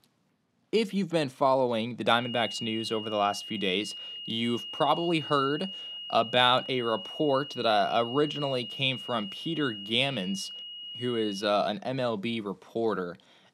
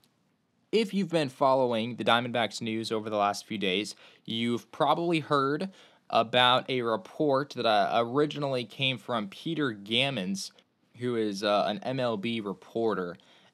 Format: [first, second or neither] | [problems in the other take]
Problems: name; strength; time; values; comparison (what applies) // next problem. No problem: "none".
second | high-pitched whine; loud; from 2 to 11 s; 3 kHz, 9 dB below the speech